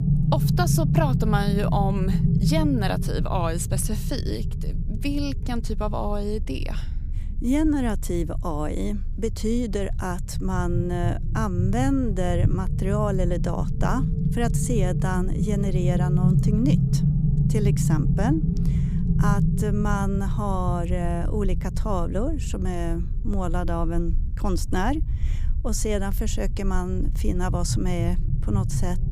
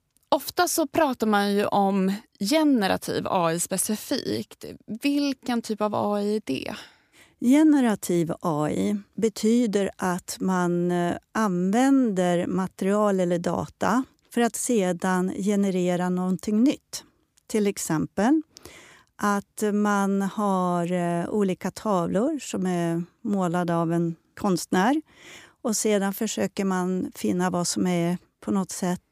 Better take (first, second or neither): second